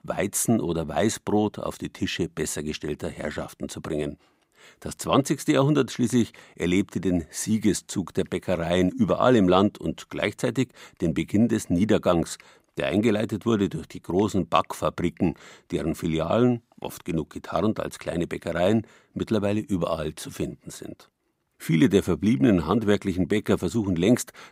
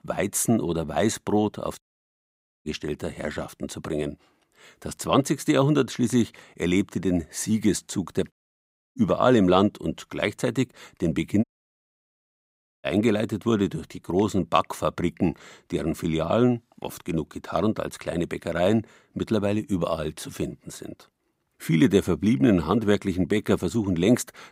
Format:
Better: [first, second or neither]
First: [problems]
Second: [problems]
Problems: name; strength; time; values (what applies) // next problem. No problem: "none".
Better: first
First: none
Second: audio cutting out; at 2 s for 1 s, at 8.5 s for 0.5 s and at 11 s for 1.5 s